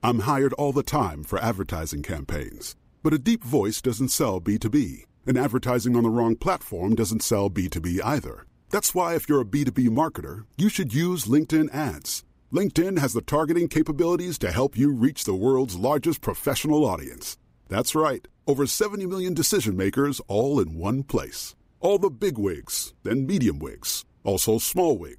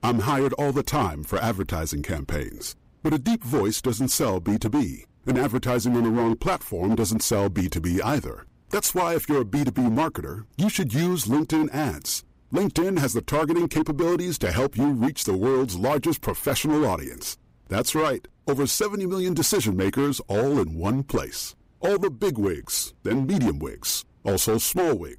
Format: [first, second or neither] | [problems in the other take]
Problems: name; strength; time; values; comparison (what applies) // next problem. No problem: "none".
first | distortion; slight; 13% of the sound clipped